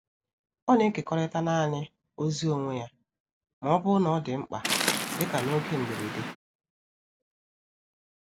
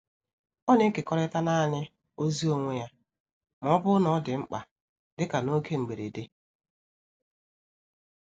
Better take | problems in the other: second | background sound (Waves, surf); 4 dB below the speech

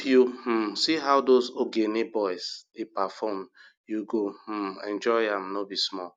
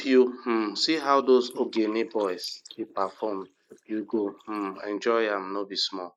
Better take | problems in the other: first | noise reduction (neural mask model Resemble Enhance denoiser)

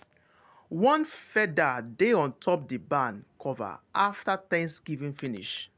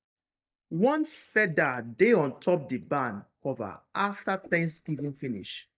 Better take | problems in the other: first | noise reduction (neural mask model DeepFilterNet 3)

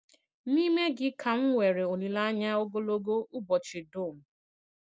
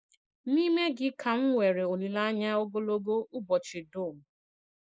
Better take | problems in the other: first | noise reduction (neural mask model Resemble Enhance denoiser)

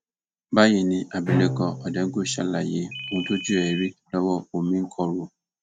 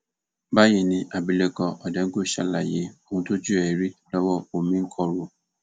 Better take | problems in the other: second | noise reduction (neural mask model RNNoise)

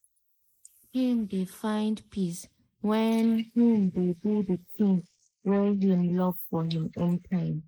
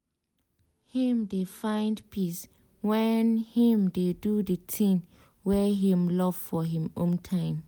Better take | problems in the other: second | noise reduction (neural mask model Resemble Enhance denoiser)

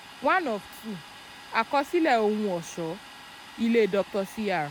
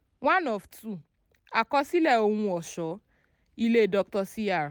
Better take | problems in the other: second | background sound (Domestic sounds, home sounds); 18 dB below the speech

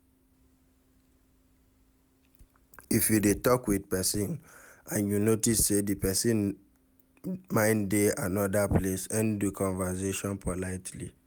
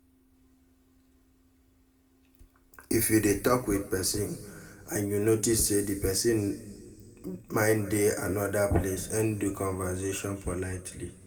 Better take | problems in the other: first | room echo; dies away in 1.6 s

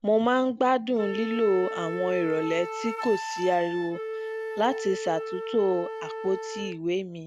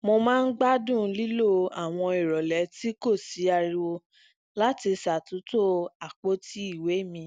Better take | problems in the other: second | background sound (Wind instrument, woodwind instrument); 8 dB below the speech

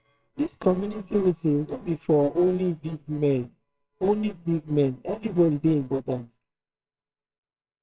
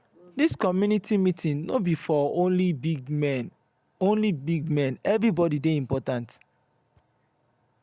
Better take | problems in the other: second | noise reduction (neural separator model SepFormer WHAMR!)

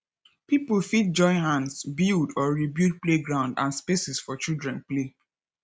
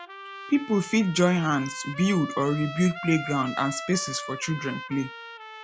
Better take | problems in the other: first | background sound (Trumpet); 12 dB below the speech

